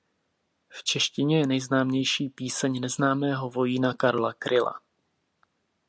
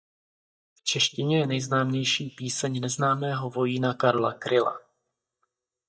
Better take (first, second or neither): first